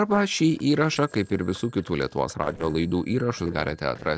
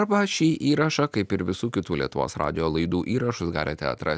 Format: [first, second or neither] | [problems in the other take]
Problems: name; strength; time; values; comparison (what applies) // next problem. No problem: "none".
second | noise reduction (neural separator model SepFormer DNS4)